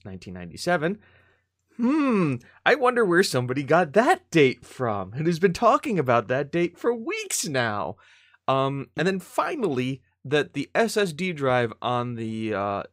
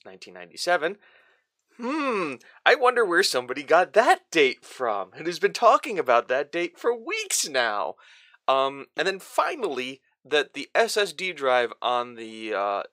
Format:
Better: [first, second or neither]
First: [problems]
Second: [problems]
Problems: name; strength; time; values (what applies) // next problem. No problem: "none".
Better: first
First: none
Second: thin; somewhat; fading below 500 Hz